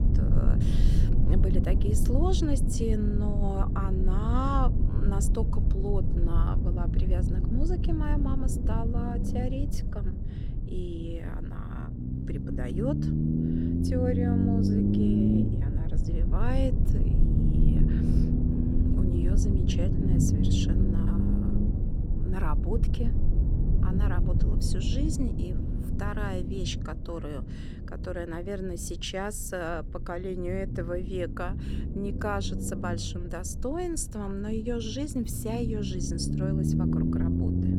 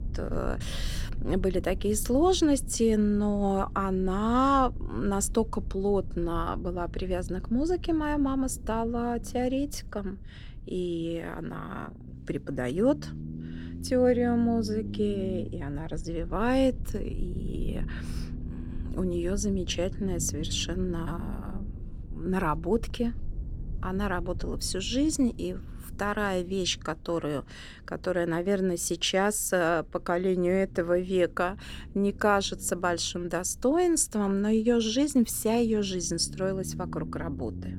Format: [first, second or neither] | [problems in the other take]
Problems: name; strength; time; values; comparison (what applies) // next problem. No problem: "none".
second | low rumble; loud; throughout; 1 dB below the speech; faint in the second